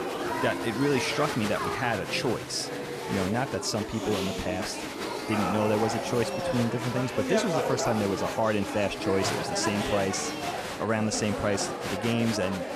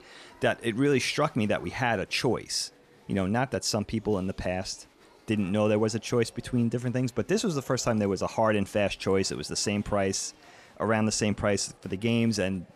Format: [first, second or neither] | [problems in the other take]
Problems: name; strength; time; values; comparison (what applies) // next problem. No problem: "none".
second | crowd noise; loud; throughout; 2 dB below the speech; faint in the second